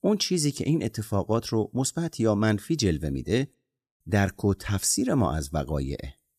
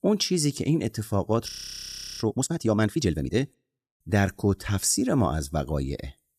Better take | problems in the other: first | audio freezing; at 1.5 s for 0.5 s

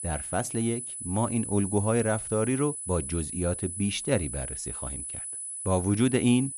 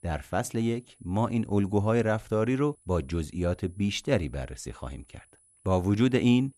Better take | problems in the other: second | high-pitched whine; loud; throughout; 10 kHz, 6 dB below the speech; faint in the second

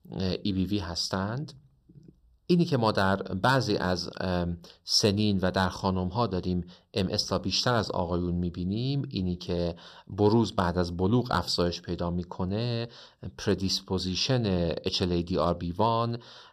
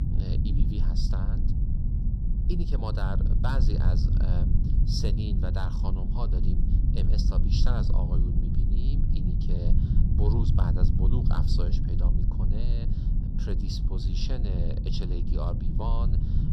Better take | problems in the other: first | low rumble; loud; throughout; 2 dB below the speech

